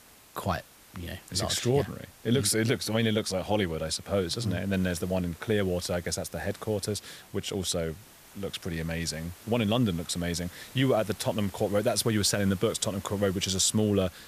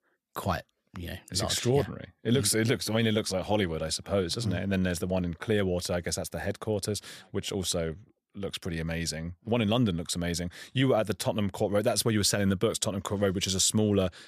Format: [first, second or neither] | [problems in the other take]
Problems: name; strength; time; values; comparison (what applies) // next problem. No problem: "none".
second | hiss; faint; throughout; 20 dB below the speech